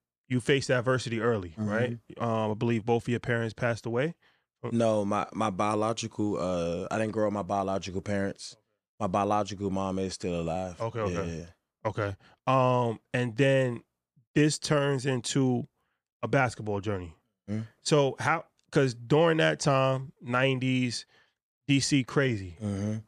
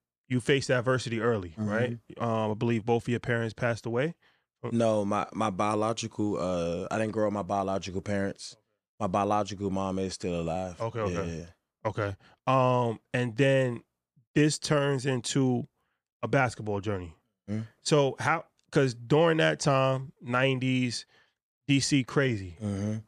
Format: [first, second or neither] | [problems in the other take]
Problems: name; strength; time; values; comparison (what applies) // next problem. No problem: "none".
neither | none